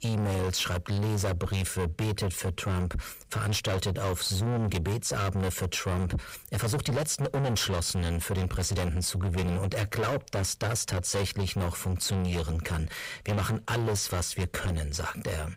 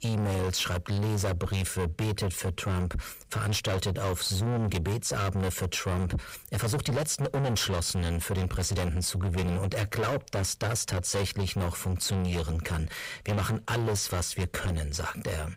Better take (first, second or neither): neither